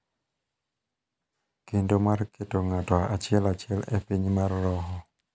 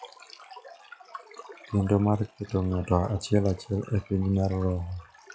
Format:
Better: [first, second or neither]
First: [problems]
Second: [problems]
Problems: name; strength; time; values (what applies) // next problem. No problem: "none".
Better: first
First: none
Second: noise reduction (classical method log-MMSE)